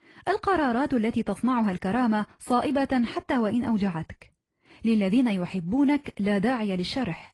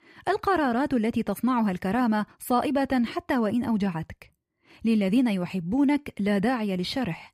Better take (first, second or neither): second